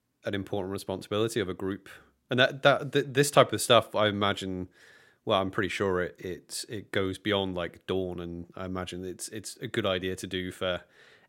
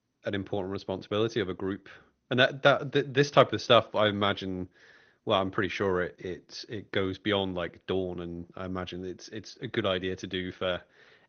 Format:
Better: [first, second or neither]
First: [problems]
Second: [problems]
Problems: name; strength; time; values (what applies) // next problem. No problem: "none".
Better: first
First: none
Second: garbled, watery; slightly; nothing above 6.5 kHz